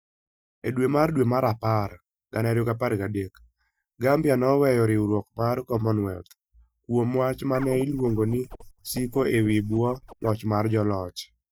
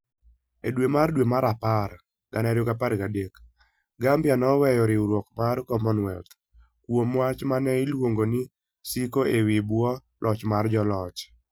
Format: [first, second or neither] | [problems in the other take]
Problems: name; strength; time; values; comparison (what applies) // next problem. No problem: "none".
second | noise reduction (neural mask model DeepFilterNet 3)